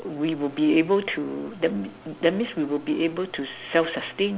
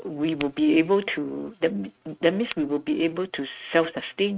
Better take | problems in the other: first | noise reduction (neural mask model RNNoise)

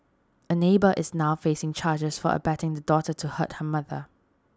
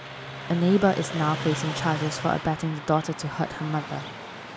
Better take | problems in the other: first | background sound (Car passing by); 9 dB below the speech

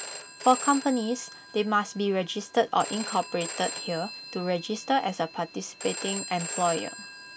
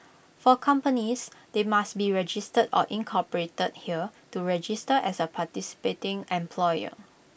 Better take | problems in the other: second | background sound (Telephone); 10 dB below the speech

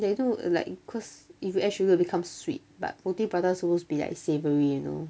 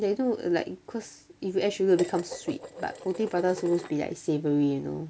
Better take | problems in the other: first | background sound (Dishes, pots, and pans); 15 dB below the speech

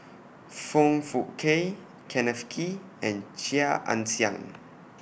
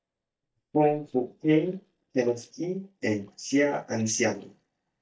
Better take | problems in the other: first | noise reduction (neural mask model DeepFilterNet 3)

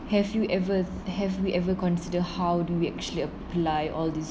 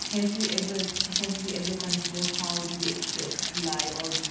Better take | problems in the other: first | background sound (Rain); 1 dB above the speech // room echo; dies away in 0.9 s

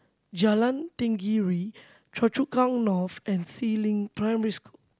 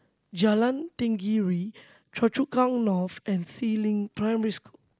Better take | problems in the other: first | noise reduction (neural mask model Resemble Enhance denoiser)

